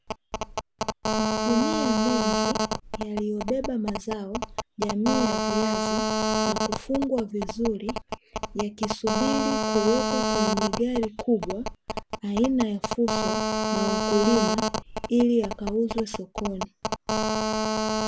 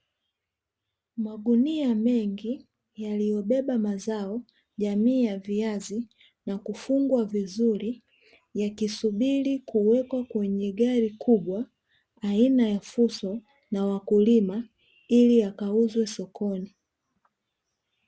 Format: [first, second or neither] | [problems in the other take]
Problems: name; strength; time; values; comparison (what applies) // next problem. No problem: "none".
second | background sound (Telephone); as loud as the speech